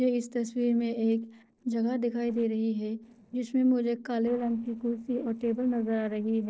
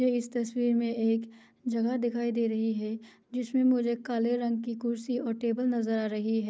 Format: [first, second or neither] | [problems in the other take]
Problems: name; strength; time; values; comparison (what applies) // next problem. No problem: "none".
second | noise reduction (neural separator model SepFormer DNS4)